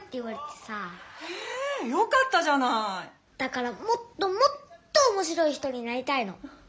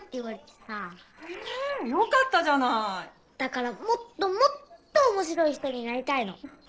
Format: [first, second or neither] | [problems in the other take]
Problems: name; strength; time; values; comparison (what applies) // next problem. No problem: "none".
first | noise reduction (neural separator model SepFormer DNS4)